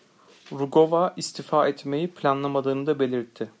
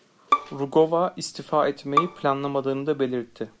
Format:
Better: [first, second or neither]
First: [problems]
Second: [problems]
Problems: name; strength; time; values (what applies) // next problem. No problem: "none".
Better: first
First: none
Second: background sound (Bowed string instrument); 5 dB below the speech